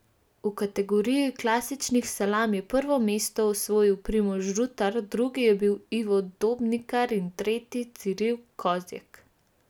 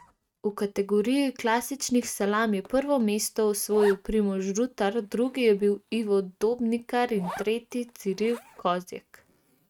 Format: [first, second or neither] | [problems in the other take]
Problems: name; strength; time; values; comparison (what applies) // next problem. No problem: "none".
first | noise reduction (neural mask model RNNoise)